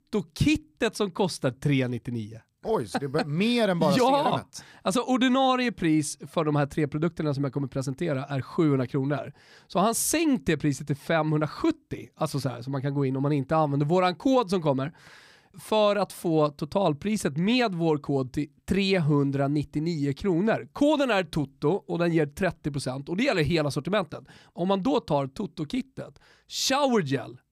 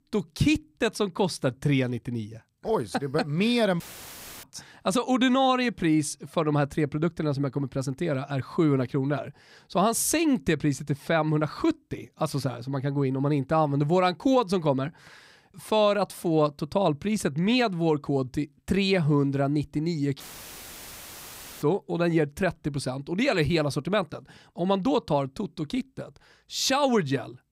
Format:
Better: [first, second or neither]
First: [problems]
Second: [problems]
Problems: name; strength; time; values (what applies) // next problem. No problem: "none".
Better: first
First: none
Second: audio cutting out; filled with static; at 4 s for 0.5 s and at 20 s for 1.5 s